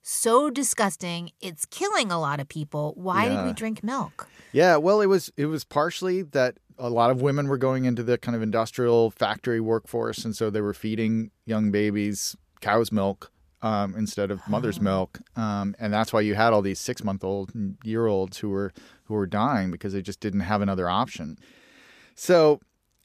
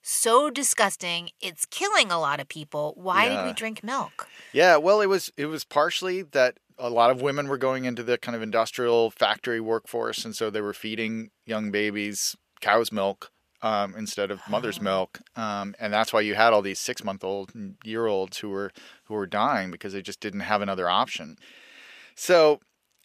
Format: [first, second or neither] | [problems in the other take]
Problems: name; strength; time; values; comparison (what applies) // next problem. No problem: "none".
first | thin; somewhat; fading below 550 Hz